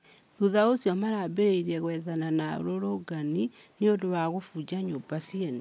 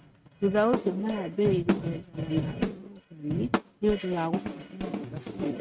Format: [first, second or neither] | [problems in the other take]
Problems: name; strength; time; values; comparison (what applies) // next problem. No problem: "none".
first | noise reduction (neural mask model RNNoise)